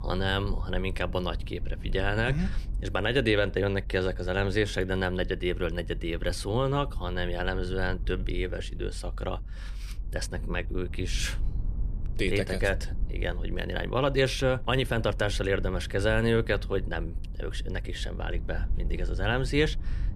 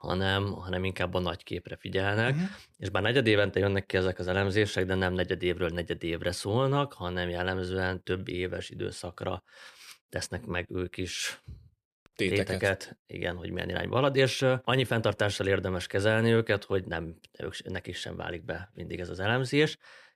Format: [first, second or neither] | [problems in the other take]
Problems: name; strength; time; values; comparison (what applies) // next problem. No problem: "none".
second | low rumble; faint; throughout; 25 dB below the speech